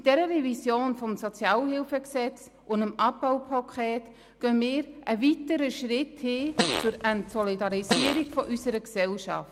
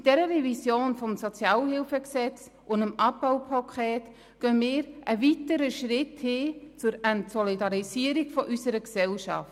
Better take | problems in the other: second | background sound (Fart); 3 dB below the speech

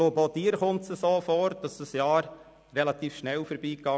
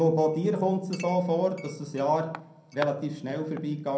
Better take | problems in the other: first | background sound (Chink, clink); 19 dB below the speech // room echo; dies away in 0.5 s

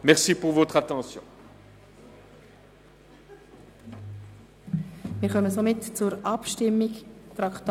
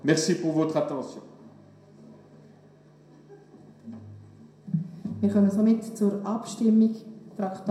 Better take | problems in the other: first | room echo; dies away in 0.6 s

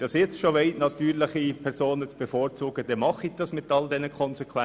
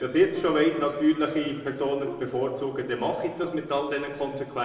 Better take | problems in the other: first | background sound (Bowed string instrument); 18 dB below the speech // room echo; dies away in 1.2 s

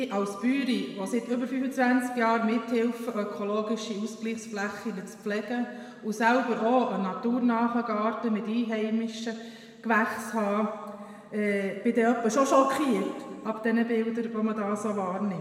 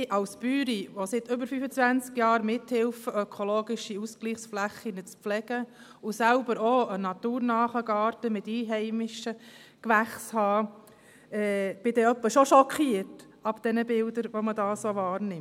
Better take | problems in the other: second | room echo; dies away in 1.8 s

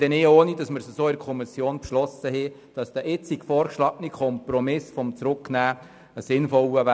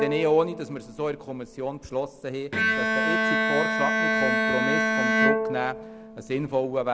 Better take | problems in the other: first | background sound (Bowed string instrument); 2 dB above the speech

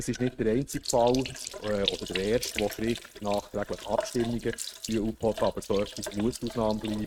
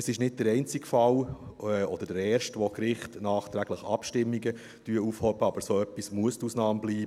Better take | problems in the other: second | noise reduction (neural mask model RNNoise)

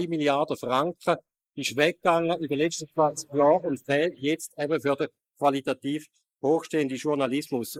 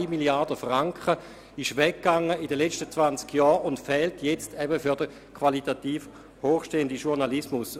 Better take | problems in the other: second | noise reduction (neural mask model Resemble Enhance denoiser)

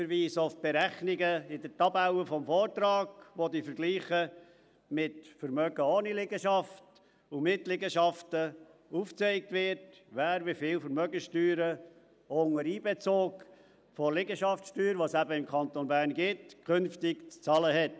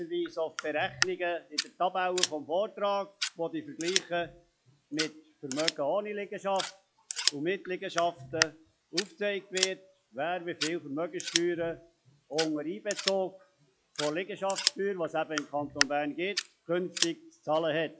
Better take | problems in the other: first | noise reduction (classical method log-MMSE)

